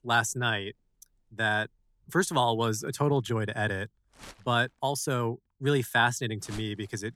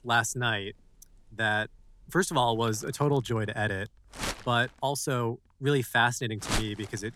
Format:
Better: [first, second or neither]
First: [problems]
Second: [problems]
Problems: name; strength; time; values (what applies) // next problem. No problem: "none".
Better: first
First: household noises; faint; throughout; 20 dB below the speech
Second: household noises; loud; throughout; 7 dB below the speech